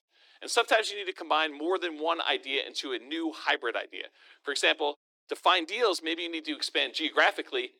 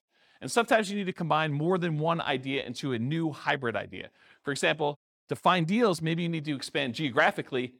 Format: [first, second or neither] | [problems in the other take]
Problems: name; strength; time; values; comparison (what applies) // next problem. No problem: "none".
second | thin; very; fading below 300 Hz